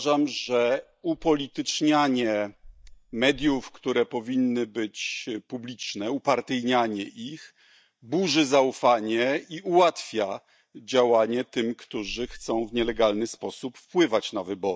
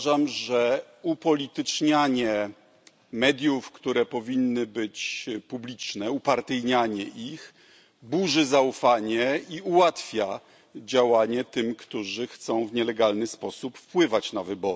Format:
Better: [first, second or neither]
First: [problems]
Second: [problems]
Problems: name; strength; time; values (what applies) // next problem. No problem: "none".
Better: second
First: noise reduction (neural mask model DeepFilterNet 3)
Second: none